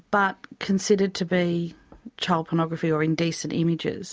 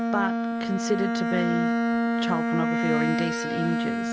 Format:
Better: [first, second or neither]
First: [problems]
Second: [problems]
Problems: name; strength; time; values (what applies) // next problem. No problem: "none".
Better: first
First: none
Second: background sound (Bowed string instrument); 4 dB above the speech